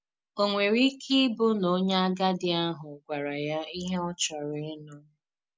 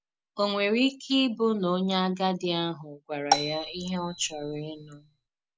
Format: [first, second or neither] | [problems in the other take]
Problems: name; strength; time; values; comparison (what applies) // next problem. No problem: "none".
first | background sound (Marimba, xylophone); 4 dB below the speech